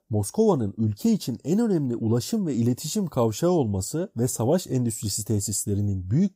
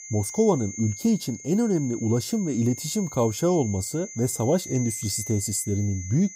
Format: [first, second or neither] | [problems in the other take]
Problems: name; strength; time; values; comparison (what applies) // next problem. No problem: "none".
first | high-pitched whine; noticeable; throughout; 6.5 kHz, 10 dB below the speech